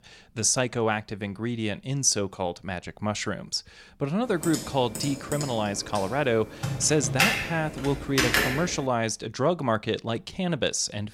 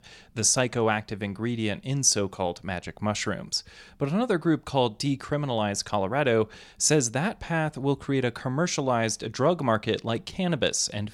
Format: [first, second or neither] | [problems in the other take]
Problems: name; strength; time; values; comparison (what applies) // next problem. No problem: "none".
second | keyboard typing; loud; from 4.5 to 8.5 s; peak 5 dB above the speech